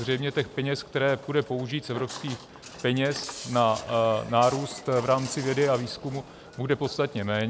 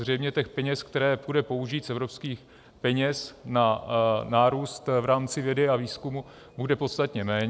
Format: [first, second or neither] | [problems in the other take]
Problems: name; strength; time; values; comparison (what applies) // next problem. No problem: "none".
second | background sound (Walk, footsteps); 16 dB below the speech